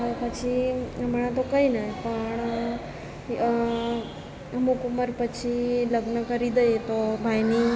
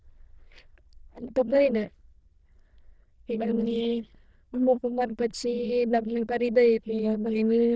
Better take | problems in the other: first | noise reduction (neural diffusion model UNIVERSE++)

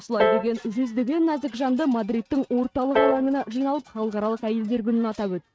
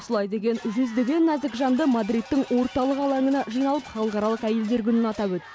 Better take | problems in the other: second | noise reduction (neural mask model RNNoise)

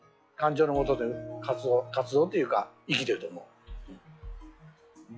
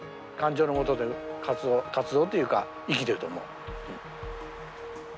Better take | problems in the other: second | noise reduction (classical method log-MMSE)

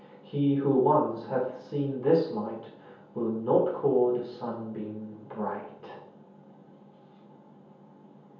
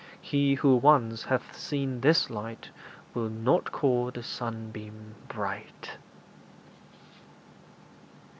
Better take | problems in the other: second | room echo; dies away in 0.7 s

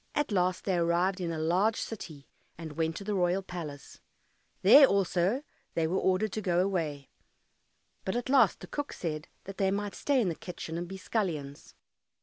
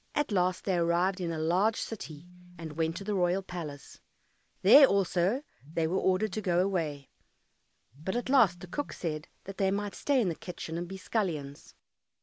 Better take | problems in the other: first | background sound (Telephone); 19 dB below the speech

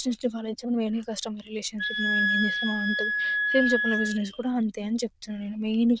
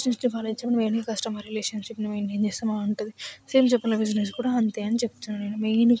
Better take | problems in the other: second | noise reduction (neural diffusion model UNIVERSE++)

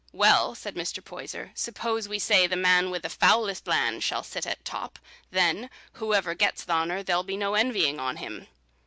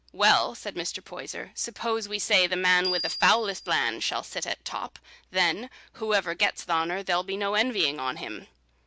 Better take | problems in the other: first | background sound (Bell); 8 dB below the speech

